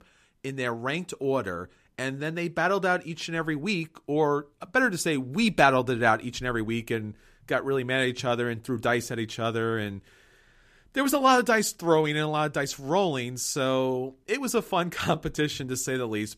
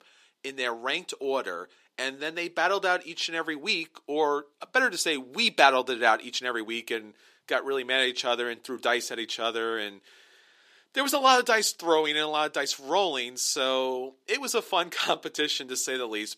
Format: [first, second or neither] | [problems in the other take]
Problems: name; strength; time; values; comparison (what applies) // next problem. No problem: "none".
first | thin; somewhat; fading below 350 Hz